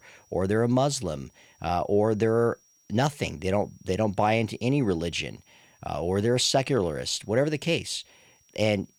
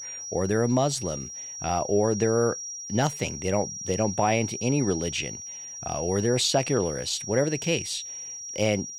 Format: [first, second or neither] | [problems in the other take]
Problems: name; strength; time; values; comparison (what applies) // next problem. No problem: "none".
first | high-pitched whine; loud; throughout; 5.5 kHz, 8 dB below the speech; faint in the first